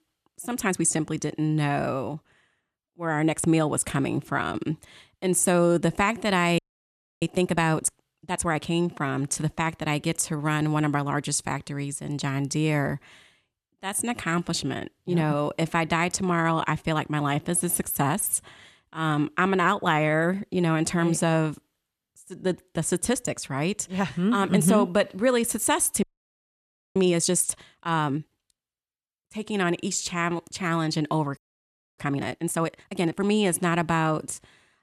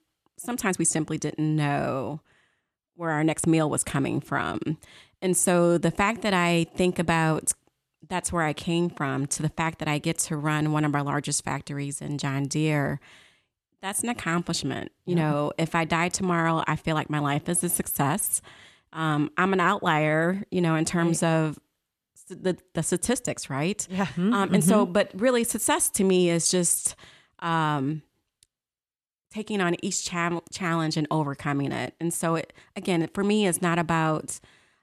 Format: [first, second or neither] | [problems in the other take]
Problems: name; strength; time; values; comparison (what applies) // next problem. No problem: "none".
second | audio freezing; at 6.5 s for 0.5 s, at 26 s for 1 s and at 31 s for 0.5 s